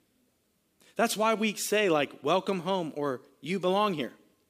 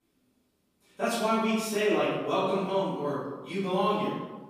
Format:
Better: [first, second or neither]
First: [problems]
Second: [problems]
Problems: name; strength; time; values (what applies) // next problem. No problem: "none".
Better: first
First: none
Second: off-mic speech; far // room echo; strong; dies away in 1 s